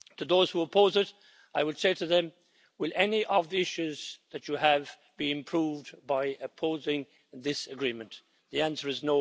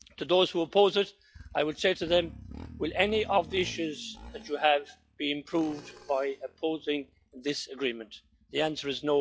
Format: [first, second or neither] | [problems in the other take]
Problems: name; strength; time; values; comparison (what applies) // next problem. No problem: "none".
first | noise reduction (classical method log-MMSE)